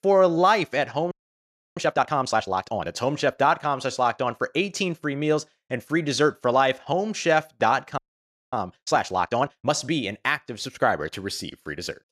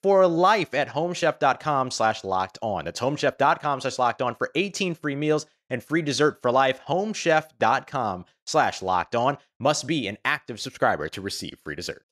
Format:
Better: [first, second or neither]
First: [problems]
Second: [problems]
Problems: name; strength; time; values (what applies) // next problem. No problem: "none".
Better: second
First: audio freezing; at 1 s for 0.5 s and at 8 s for 0.5 s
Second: none